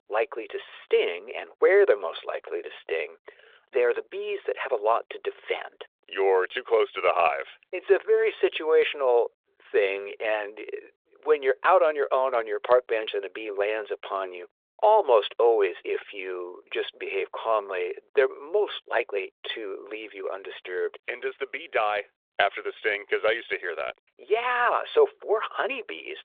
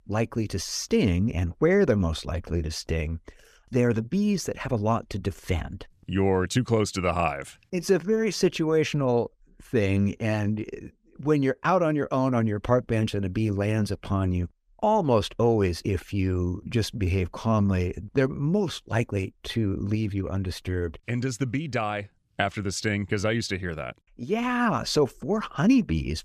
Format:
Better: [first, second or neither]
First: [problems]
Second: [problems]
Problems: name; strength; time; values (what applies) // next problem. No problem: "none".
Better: second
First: phone-call audio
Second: none